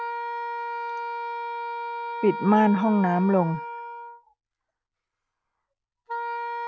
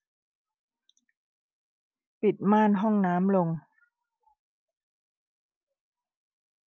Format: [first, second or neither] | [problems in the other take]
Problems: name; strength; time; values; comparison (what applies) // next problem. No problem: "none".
second | background sound (Wind instrument, woodwind instrument); 6 dB below the speech